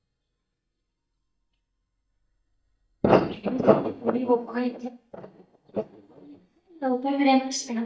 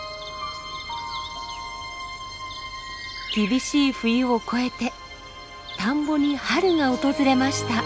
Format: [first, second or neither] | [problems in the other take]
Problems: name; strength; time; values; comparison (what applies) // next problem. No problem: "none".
second | noise reduction (neural mask model DeepFilterNet 3)